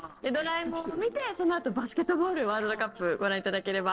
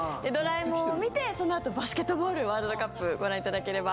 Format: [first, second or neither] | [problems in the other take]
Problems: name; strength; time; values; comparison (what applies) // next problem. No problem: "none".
second | noise reduction (neural separator model SepFormer DNS4)